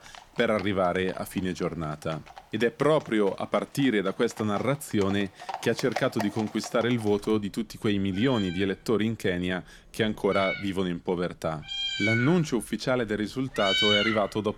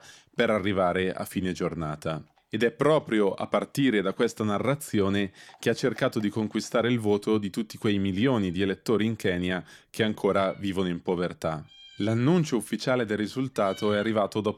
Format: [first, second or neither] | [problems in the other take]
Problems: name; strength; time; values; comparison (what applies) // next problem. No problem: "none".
second | animal sounds; loud; throughout; 3 dB below the speech; faint in the second